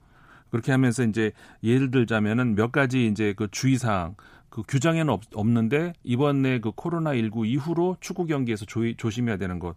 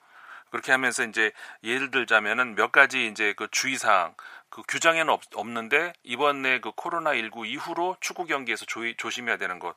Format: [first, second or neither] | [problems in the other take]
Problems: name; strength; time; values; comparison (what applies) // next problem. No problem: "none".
first | thin; very; fading below 750 Hz